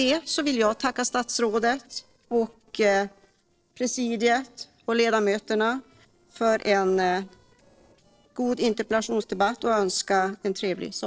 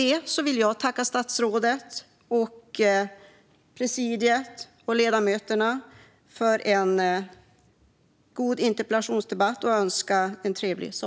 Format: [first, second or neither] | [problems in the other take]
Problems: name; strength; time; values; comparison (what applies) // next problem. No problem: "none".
second | noise reduction (neural separator model SepFormer DNS4)